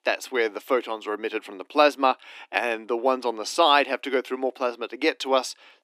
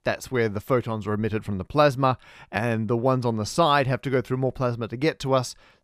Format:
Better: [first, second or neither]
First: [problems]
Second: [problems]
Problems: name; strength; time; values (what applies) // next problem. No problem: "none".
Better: second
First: thin; somewhat; fading below 250 Hz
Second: none